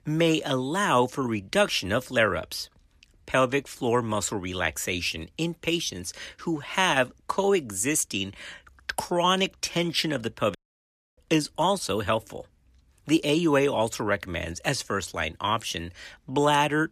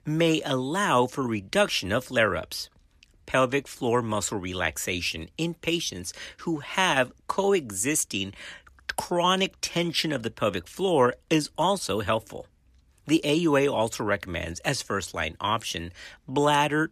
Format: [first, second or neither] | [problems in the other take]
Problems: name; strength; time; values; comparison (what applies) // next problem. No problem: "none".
second | audio cutting out; at 11 s for 0.5 s